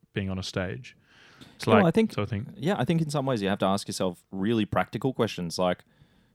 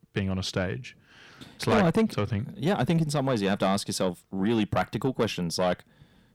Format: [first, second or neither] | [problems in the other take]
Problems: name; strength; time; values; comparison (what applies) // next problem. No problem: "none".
first | distortion; slight; 10 dB below the speech